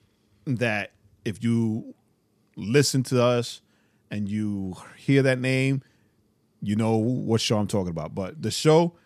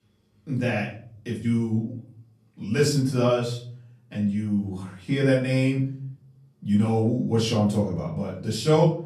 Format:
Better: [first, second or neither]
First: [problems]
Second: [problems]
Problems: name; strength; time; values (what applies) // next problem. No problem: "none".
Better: first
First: none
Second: off-mic speech; far // room echo; slight; dies away in 0.5 s